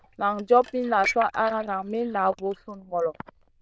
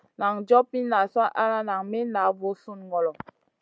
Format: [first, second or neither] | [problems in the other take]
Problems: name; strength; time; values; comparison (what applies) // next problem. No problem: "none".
second | noise reduction (neural diffusion model UNIVERSE++)